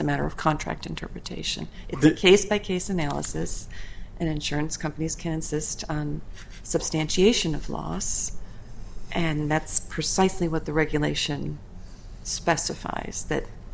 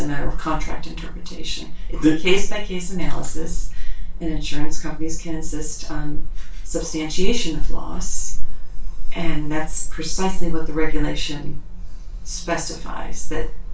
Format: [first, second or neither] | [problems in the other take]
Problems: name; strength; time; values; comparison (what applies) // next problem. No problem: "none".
first | room echo; dies away in 0.2 s